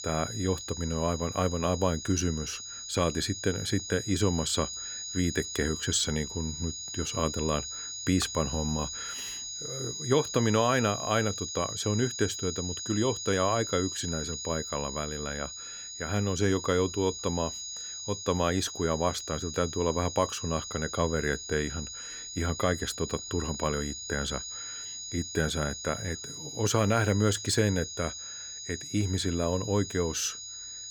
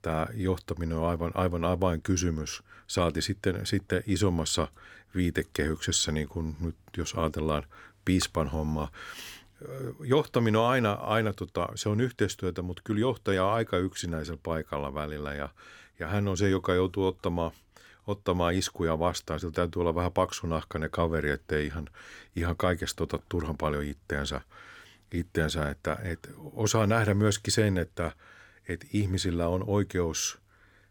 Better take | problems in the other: second | high-pitched whine; loud; throughout; 6.5 kHz, 6 dB below the speech

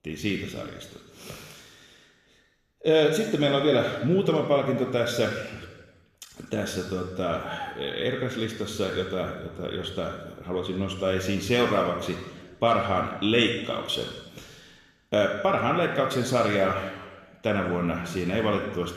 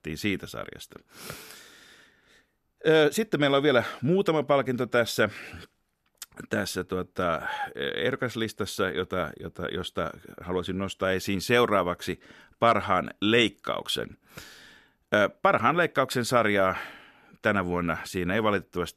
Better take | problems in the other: second | room echo; noticeable; dies away in 1.1 s

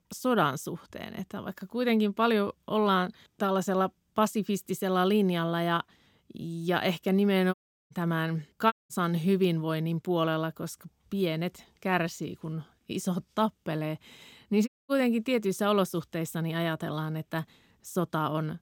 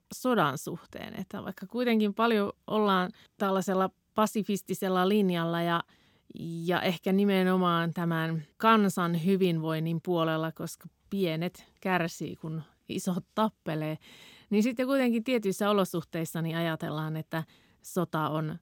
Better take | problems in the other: second | audio cutting out; at 7.5 s, at 8.5 s and at 15 s

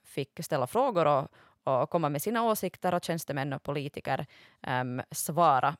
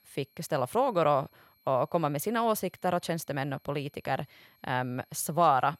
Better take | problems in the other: first | high-pitched whine; faint; throughout; 11.5 kHz, 35 dB below the speech

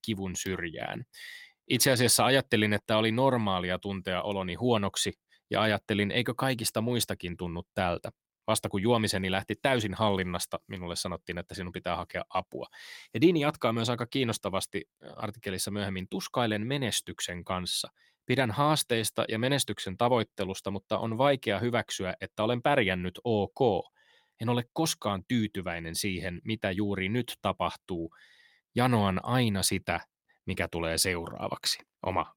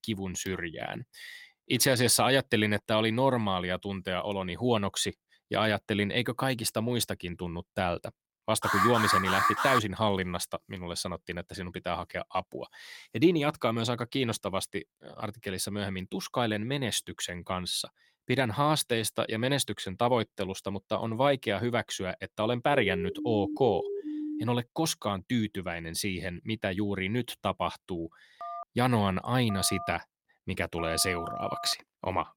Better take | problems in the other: first | alarm; loud; from 8.5 to 10 s; peak 4 dB above the speech // siren; noticeable; from 23 to 24 s; peak 5 dB below the speech // phone ringing; noticeable; from 28 to 32 s; peak 8 dB below the speech

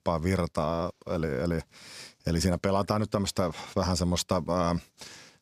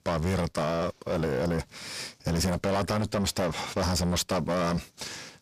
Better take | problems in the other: first | distortion; heavy; 6 dB below the speech

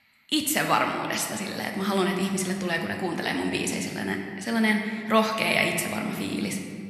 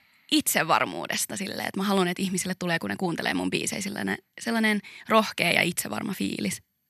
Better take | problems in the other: second | room echo; slight; dies away in 1.8 s

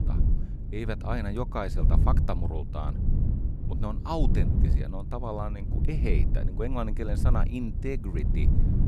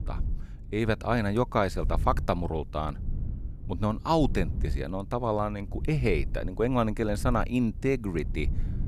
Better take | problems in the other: second | low rumble; loud; throughout; 7 dB below the speech; faint in the second

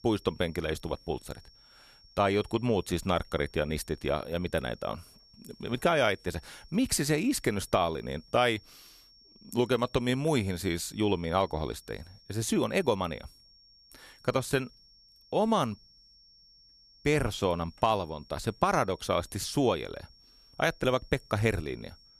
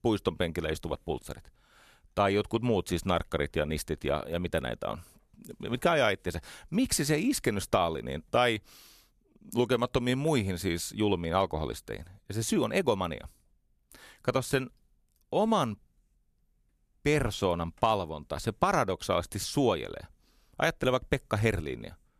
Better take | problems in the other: second | high-pitched whine; faint; throughout; 5.5 kHz, 25 dB below the speech

